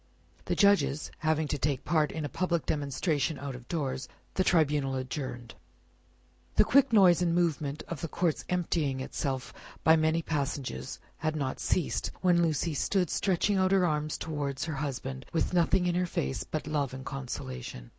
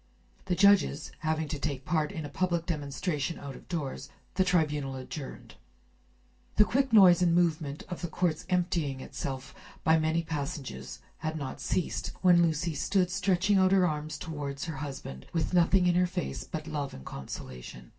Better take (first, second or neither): first